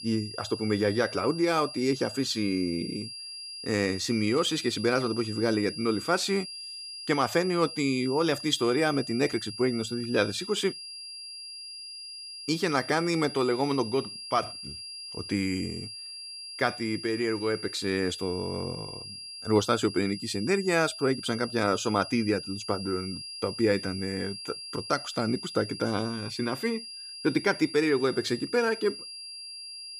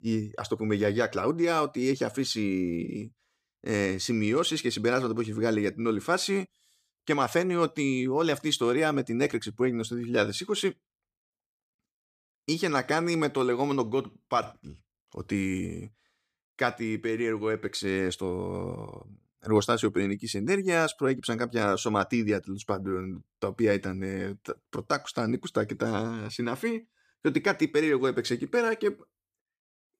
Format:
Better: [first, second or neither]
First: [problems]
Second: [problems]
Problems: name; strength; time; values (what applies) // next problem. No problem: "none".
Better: second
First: high-pitched whine; loud; throughout; 5 kHz, 10 dB below the speech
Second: none